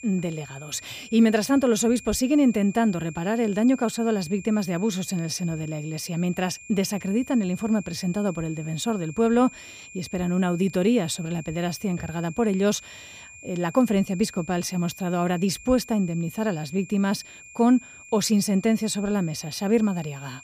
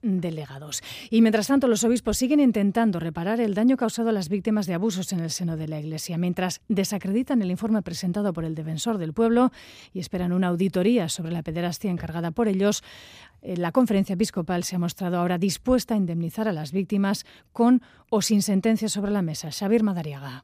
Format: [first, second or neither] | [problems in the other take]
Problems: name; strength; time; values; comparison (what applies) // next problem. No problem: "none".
second | high-pitched whine; noticeable; throughout; 2.5 kHz, 20 dB below the speech